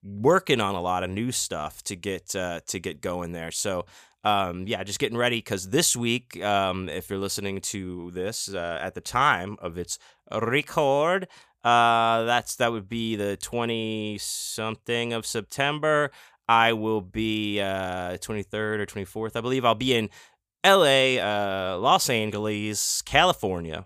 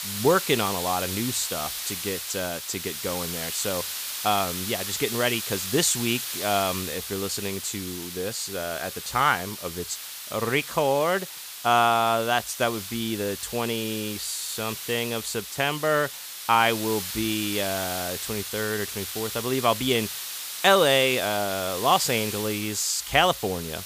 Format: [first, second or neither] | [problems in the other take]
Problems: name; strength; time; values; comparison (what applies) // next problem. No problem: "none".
first | hiss; loud; throughout; 6 dB below the speech